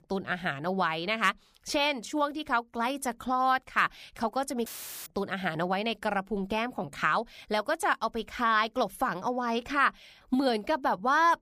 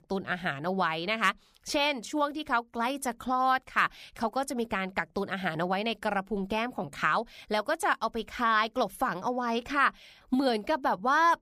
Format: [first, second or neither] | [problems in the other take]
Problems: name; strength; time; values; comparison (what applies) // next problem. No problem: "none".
second | audio cutting out; filled with static; at 4.5 s